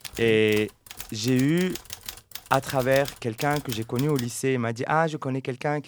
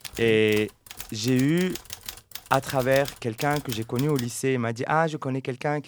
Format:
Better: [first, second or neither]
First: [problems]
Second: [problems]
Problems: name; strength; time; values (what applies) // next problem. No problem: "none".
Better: neither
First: keyboard typing; faint; until 4.5 s; peak 10 dB below the speech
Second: keyboard typing; faint; until 4.5 s; peak 10 dB below the speech